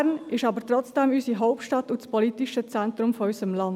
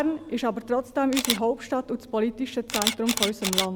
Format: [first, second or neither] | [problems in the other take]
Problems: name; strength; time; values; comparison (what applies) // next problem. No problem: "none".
first | background sound (Camera); 5 dB below the speech